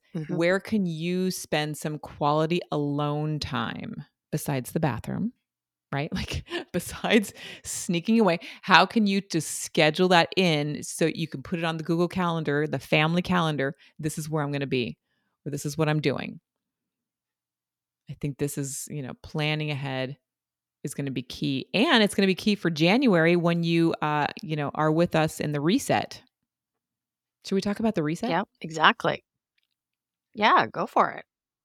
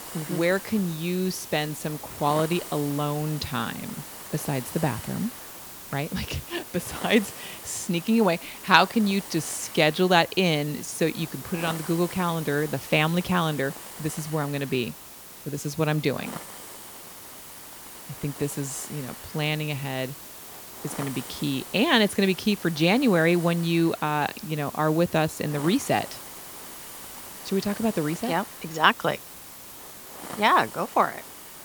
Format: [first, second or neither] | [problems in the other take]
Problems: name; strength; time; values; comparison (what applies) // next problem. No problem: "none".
first | hiss; noticeable; throughout; 15 dB below the speech